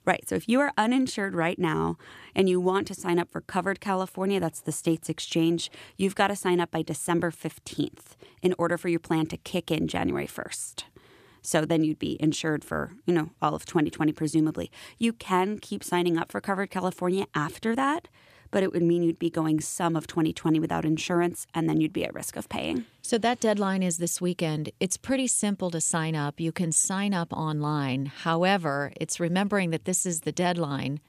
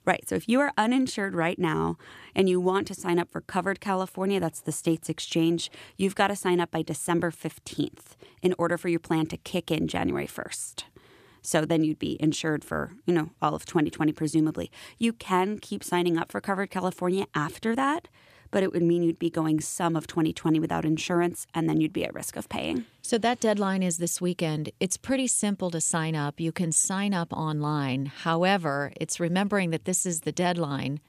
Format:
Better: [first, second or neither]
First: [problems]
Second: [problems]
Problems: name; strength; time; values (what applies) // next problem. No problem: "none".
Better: neither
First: none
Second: none